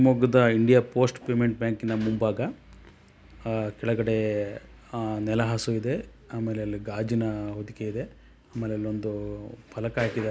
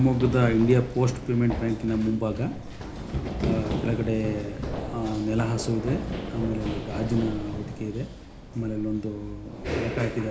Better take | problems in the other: first | background sound (Run); 6 dB below the speech // room echo; dies away in 0.4 s

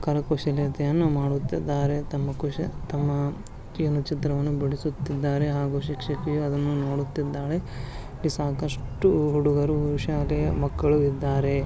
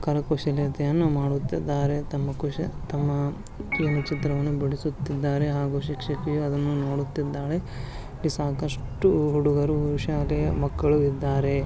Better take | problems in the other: first | background sound (Organ); 10 dB below the speech

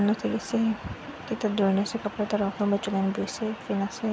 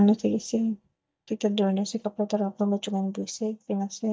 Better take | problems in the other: first | noise reduction (neural mask model DeepFilterNet 3)

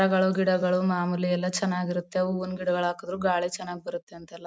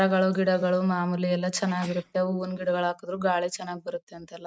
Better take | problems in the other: first | noise reduction (neural mask model RNNoise)

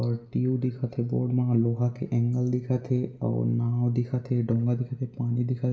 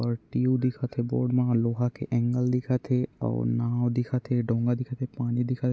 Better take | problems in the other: second | room echo; dies away in 0.6 s

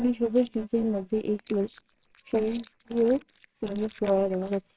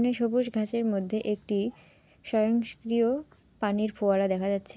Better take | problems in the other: second | noise reduction (neural separator model SepFormer WHAMR!)

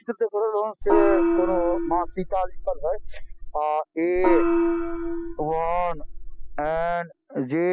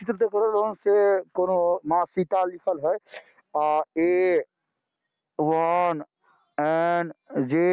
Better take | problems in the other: second | noise reduction (classical method spectral subtraction)

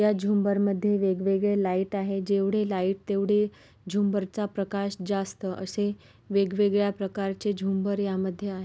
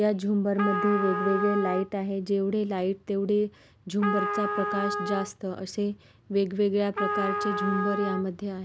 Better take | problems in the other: first | background sound (Trumpet); 4 dB below the speech

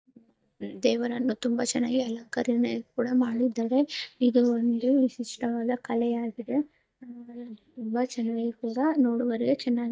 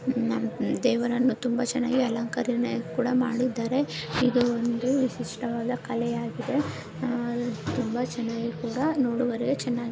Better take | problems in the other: second | noise reduction (neural mask model DeepFilterNet 3)

